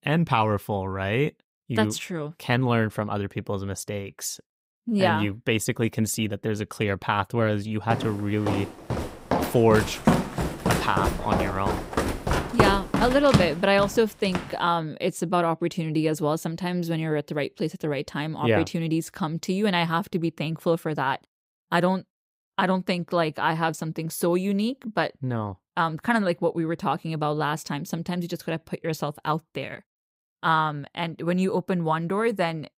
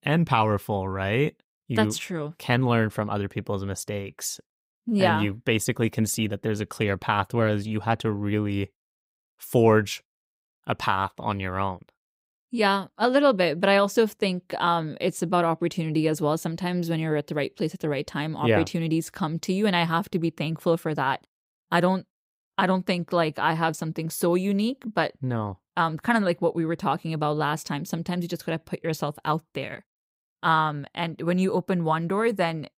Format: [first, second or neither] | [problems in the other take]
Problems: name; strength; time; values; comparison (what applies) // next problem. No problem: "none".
second | footsteps; loud; from 8 to 14 s; peak 3 dB above the speech